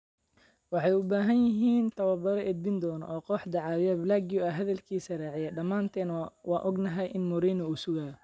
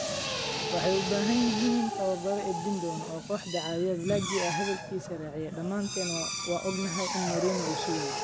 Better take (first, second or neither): first